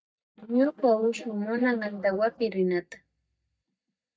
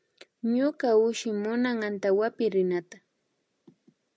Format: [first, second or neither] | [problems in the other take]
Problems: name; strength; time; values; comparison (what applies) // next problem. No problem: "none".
second | noise reduction (neural mask model DeepFilterNet 3)